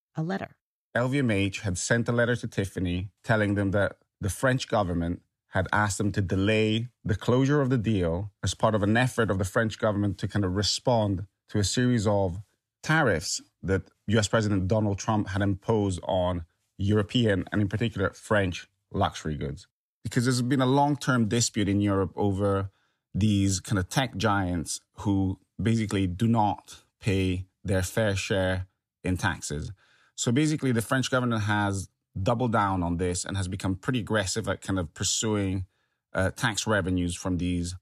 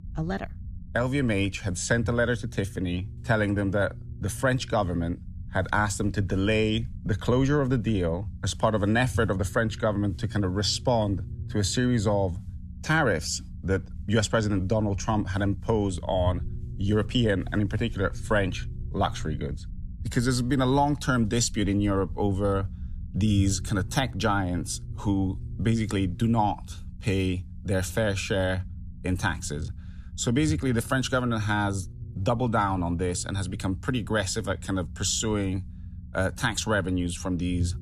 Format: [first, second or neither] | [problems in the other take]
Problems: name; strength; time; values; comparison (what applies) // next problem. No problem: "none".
first | low rumble; faint; throughout; 25 dB below the speech